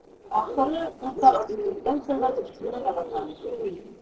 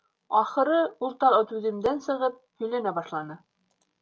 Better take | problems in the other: second | noise reduction (neural separator model SepFormer DNS4)

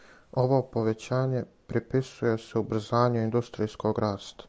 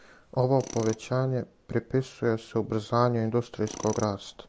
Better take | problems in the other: first | background sound (Tools); 19 dB below the speech

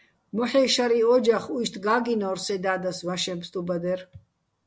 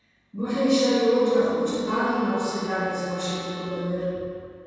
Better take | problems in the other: first | background sound (Trumpet); 20 dB below the speech // room echo; dies away in 2.1 s

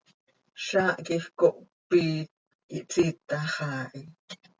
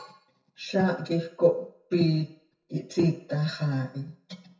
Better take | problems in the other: first | room echo; dies away in 0.5 s

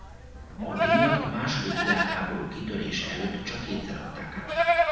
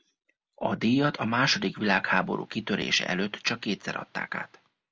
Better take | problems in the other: second | background sound (Livestock, farm animals, working animals); 2 dB above the speech // room echo; dies away in 1.1 s

